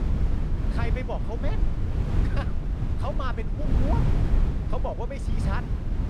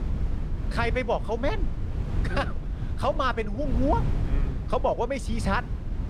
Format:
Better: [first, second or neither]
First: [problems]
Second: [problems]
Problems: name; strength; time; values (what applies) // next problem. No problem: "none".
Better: second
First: wind noise on the microphone; heavy; 3 dB below the speech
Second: wind noise on the microphone; occasional gusts; 15 dB below the speech